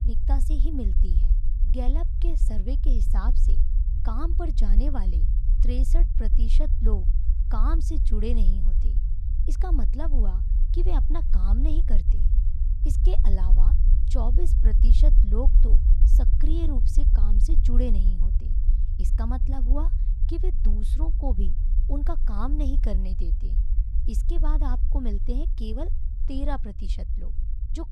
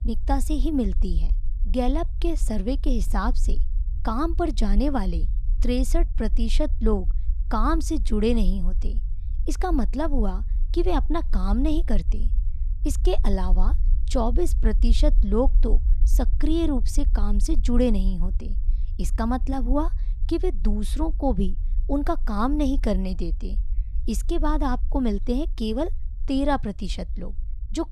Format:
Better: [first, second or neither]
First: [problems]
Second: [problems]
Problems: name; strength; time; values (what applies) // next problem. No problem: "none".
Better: second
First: low rumble; loud; throughout; 9 dB below the speech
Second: low rumble; faint; throughout; 20 dB below the speech